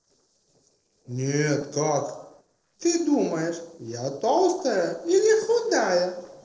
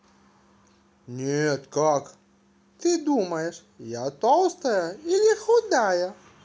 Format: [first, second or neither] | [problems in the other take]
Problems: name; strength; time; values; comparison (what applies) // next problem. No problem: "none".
second | noise reduction (neural separator model SepFormer DNS4)